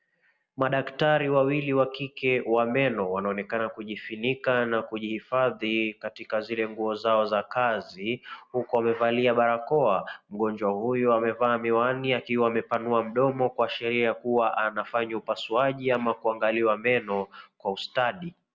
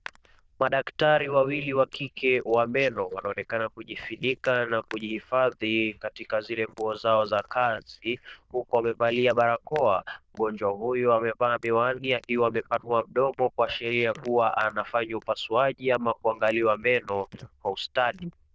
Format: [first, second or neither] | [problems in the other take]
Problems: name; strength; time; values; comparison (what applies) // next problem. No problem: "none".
first | noise reduction (neural diffusion model UNIVERSE++)